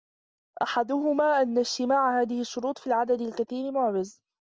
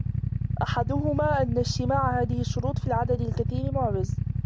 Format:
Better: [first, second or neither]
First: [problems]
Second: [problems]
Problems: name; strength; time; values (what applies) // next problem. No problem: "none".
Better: first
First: none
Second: background sound (Idling / Motorcycle); 1 dB above the speech